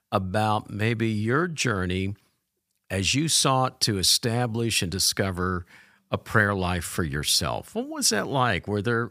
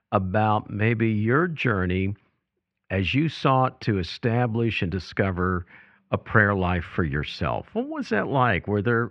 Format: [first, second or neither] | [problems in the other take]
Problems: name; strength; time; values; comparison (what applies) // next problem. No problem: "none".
first | muffled; very; fading above 2.5 kHz